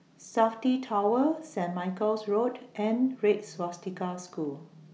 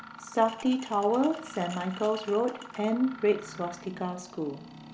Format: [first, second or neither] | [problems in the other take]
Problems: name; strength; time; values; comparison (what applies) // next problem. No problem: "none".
first | background sound (Mechanisms + Glass); 16 dB below the speech